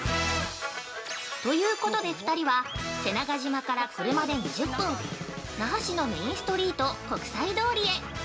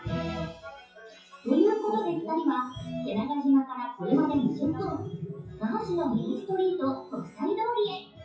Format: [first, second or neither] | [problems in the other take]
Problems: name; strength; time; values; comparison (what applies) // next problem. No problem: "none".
first | noise reduction (classical method WPE with log-MMSE)